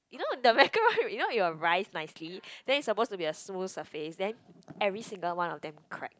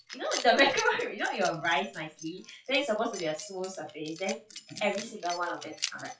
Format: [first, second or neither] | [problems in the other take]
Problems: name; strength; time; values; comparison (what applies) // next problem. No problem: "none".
first | noise reduction (classical method WPE with log-MMSE)